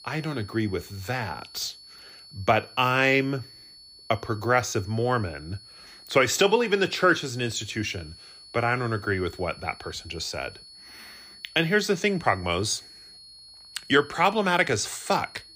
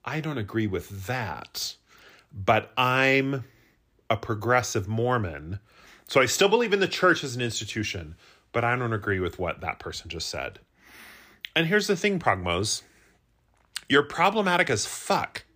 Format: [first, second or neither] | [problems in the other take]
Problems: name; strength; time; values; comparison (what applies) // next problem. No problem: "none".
second | high-pitched whine; faint; throughout; 4.5 kHz, 20 dB below the speech